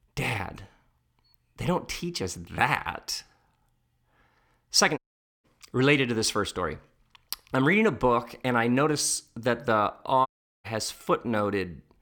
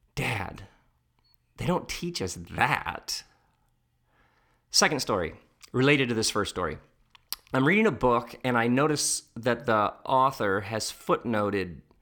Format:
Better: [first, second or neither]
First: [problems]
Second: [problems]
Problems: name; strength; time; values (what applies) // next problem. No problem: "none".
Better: second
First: audio cutting out; at 5 s and at 10 s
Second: none